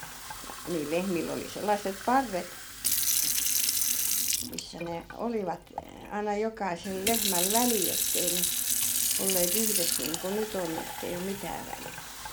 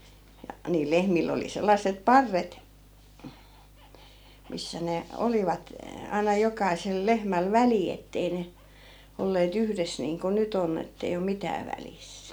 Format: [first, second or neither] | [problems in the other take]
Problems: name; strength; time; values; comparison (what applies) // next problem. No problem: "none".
second | background sound (Fill (with liquid) / Sink (filling or washing)); 2 dB above the speech